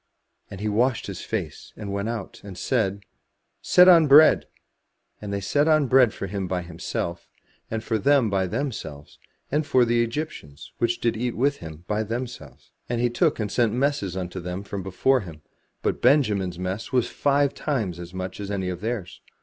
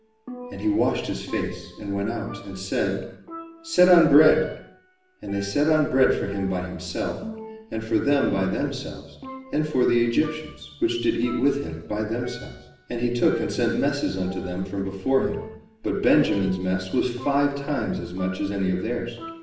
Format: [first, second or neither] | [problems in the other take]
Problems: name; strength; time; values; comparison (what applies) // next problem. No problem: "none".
first | background sound (Percussion); 17 dB below the speech // room echo; dies away in 0.8 s